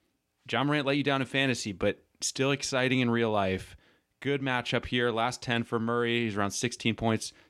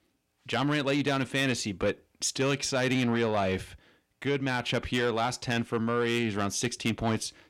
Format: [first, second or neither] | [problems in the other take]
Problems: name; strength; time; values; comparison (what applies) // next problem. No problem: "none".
first | distortion; slight; 10 dB below the speech